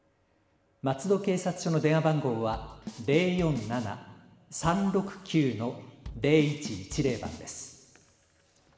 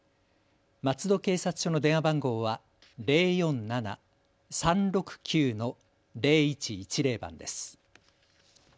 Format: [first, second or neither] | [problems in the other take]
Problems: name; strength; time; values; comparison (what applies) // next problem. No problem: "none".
second | background sound (Drum kit); 14 dB below the speech // room echo; dies away in 1.7 s